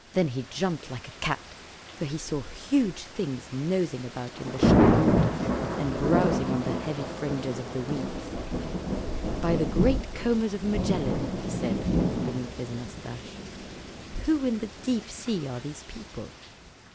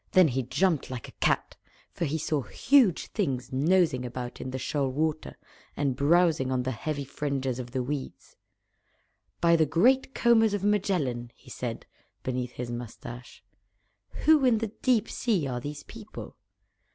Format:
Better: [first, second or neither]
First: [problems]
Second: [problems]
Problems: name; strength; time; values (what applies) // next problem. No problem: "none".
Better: second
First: background sound (Thunder / Rain); 1 dB above the speech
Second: none